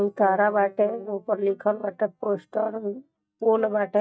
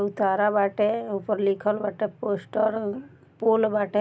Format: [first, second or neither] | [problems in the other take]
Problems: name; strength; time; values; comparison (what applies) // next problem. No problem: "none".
second | noise reduction (neural mask model DeepFilterNet 3)